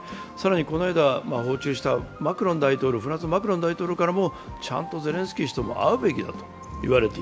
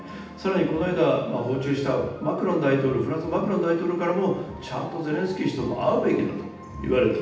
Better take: first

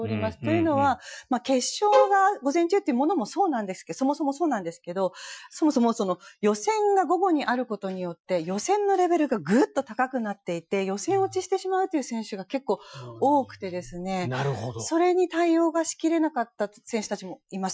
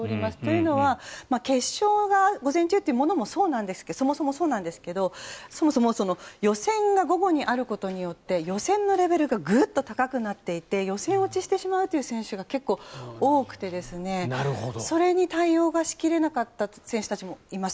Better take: second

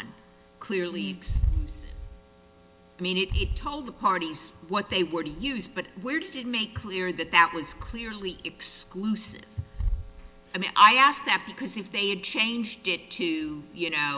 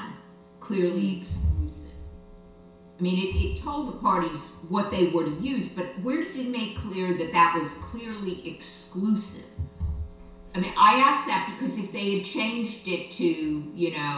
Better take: first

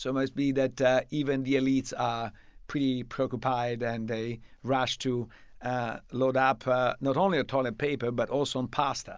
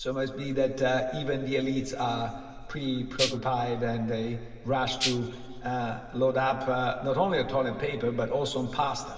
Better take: first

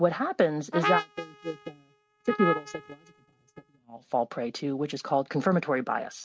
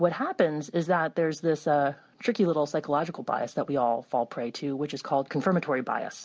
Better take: second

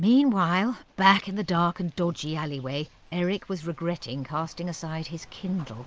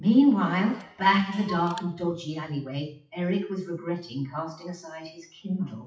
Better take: first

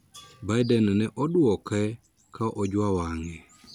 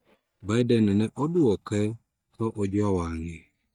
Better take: first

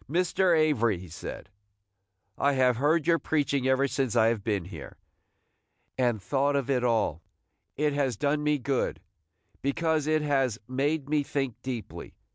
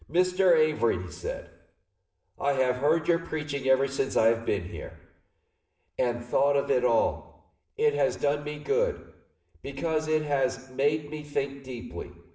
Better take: first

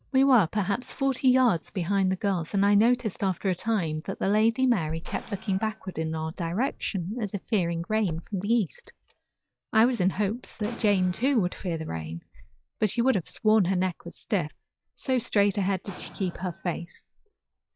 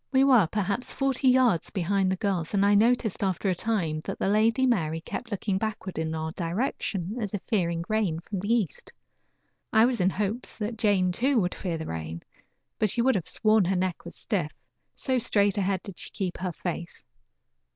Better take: second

